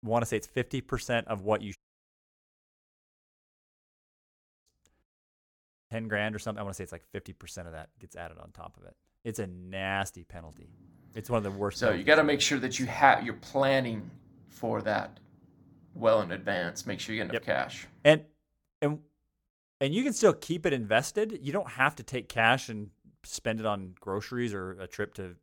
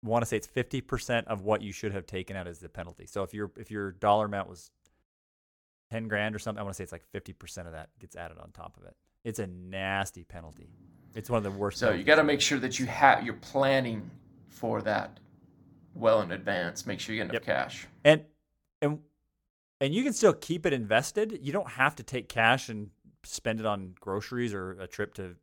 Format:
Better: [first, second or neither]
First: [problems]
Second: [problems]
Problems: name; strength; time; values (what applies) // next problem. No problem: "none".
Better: second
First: audio cutting out; at 2 s for 3 s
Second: none